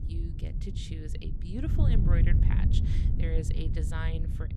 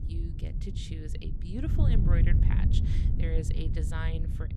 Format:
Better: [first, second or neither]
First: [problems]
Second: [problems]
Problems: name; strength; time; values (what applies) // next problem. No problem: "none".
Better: neither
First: wind noise on the microphone; heavy; 1 dB below the speech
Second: wind noise on the microphone; heavy; 1 dB below the speech